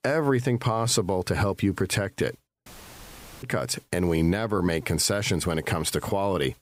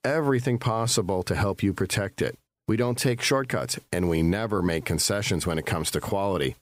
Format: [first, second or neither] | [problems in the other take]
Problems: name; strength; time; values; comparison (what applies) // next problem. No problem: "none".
second | audio cutting out; filled with static; at 2.5 s for 1 s